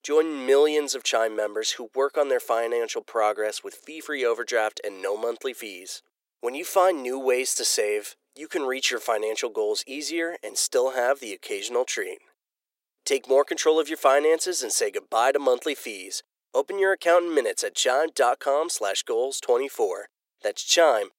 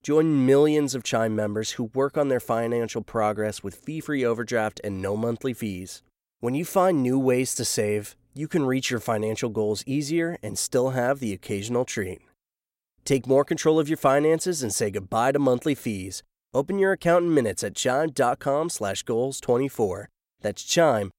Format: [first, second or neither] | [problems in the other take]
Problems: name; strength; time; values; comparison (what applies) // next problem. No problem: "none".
second | thin; very; fading below 350 Hz